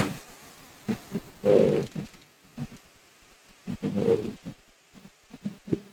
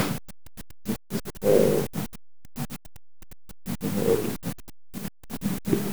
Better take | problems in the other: second | noise reduction (neural mask model RNNoise)

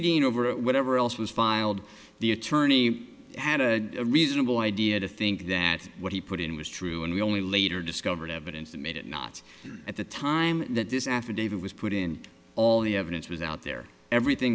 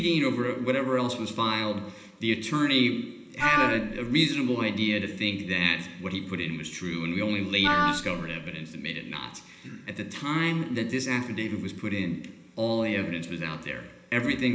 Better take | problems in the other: first | background sound (Wind instrument, woodwind instrument); as loud as the speech // room echo; dies away in 1 s

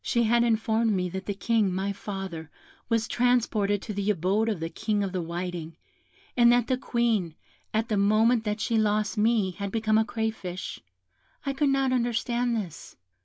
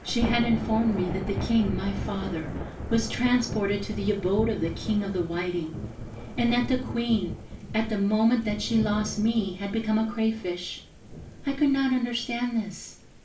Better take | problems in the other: first | background sound (Thunder / Rain); 9 dB below the speech // room echo; dies away in 0.3 s

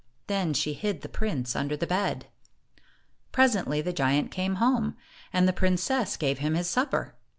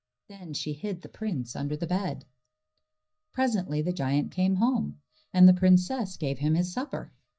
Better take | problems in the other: first | noise reduction (neural mask model DeepFilterNet 3)

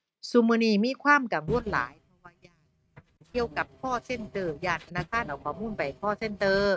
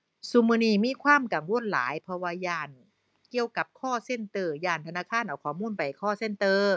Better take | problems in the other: second | noise reduction (neural mask model RNNoise)

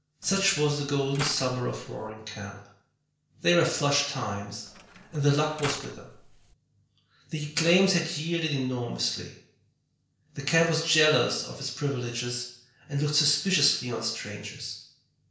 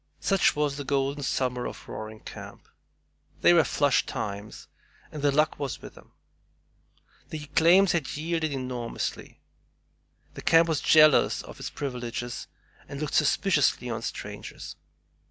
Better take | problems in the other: second | noise reduction (neural separator model SepFormer DNS4)

